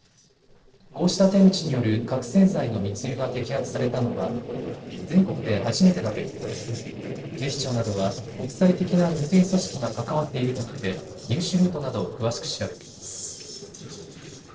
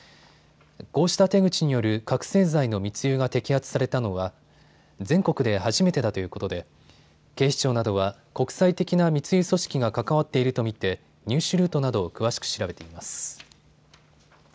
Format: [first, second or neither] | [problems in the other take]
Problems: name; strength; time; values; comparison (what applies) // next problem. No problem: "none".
second | noise reduction (neural separator model SepFormer DNS4)